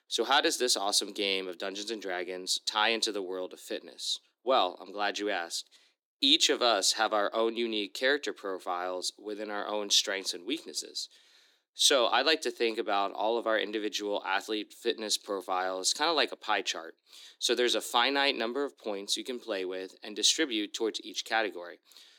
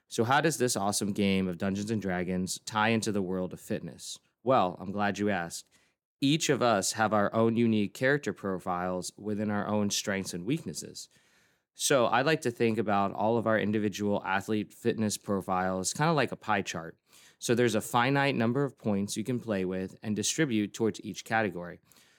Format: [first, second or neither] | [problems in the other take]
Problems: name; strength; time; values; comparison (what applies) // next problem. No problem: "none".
second | thin; somewhat; fading below 300 Hz